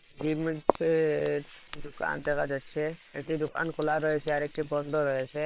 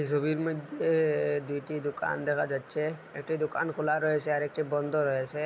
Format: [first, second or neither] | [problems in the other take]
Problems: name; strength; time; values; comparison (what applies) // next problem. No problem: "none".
second | noise reduction (neural separator model SepFormer WHAM!)